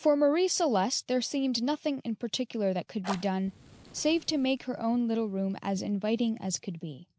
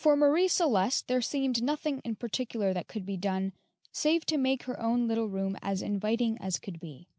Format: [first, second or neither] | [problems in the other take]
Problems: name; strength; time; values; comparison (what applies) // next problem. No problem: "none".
second | background sound (Fire); 18 dB below the speech